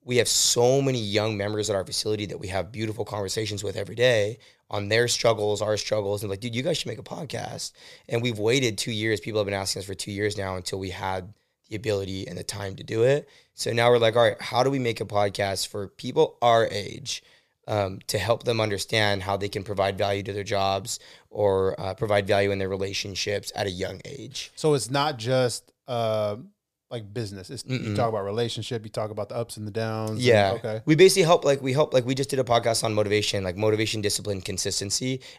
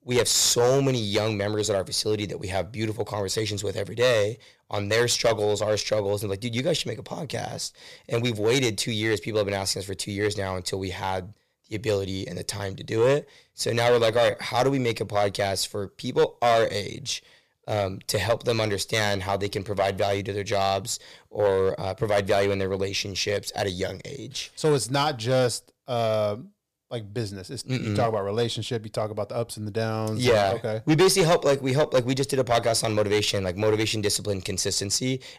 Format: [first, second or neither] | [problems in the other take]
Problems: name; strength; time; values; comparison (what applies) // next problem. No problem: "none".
first | distortion; slight; 3% of the sound clipped